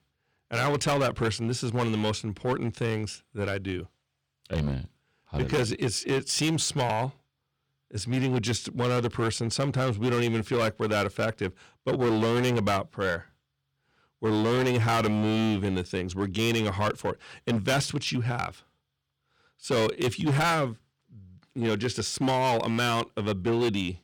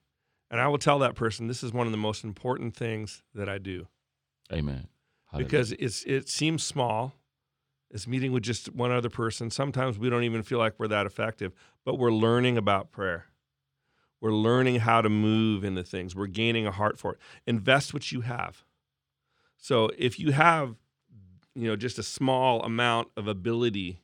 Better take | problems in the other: second | distortion; heavy; 13% of the sound clipped

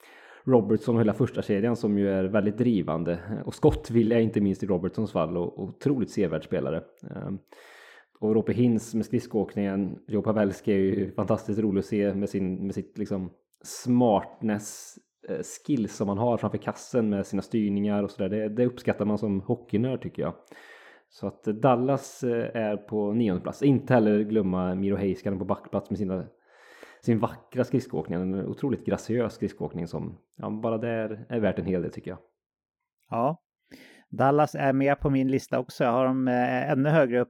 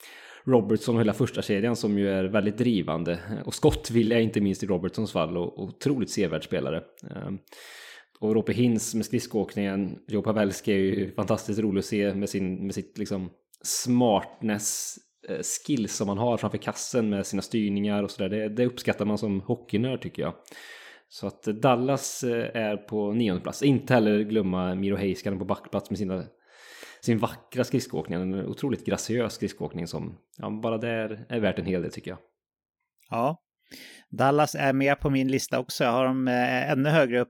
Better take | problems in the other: second | muffled; slightly; fading above 2 kHz

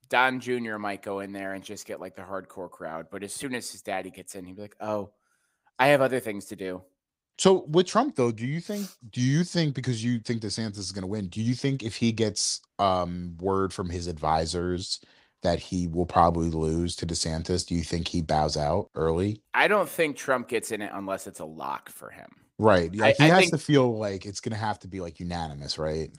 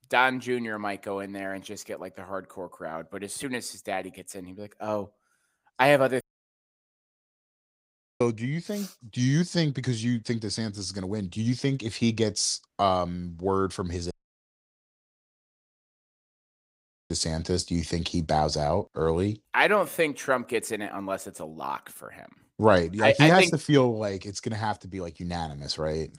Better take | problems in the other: first | audio cutting out; at 6 s for 2 s and at 14 s for 3 s

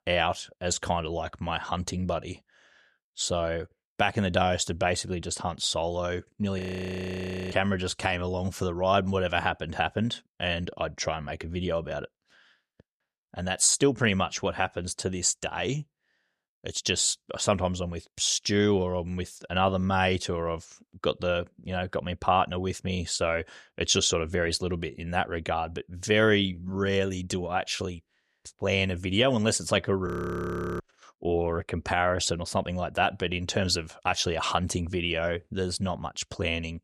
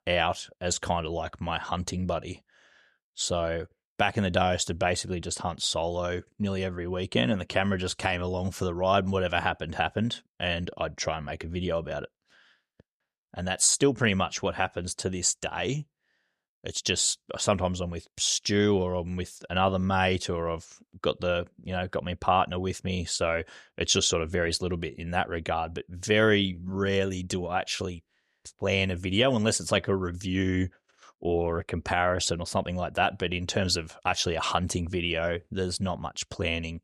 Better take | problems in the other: second | audio freezing; at 6.5 s for 1 s and at 30 s for 0.5 s

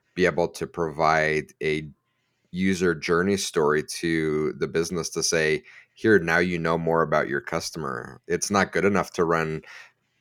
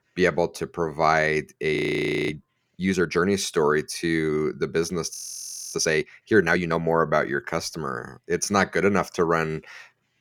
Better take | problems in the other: first | audio freezing; at 2 s for 0.5 s and at 5 s for 0.5 s

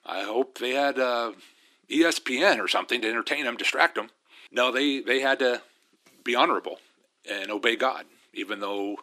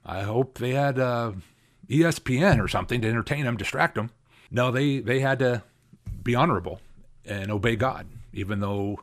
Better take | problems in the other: second | thin; somewhat; fading below 300 Hz

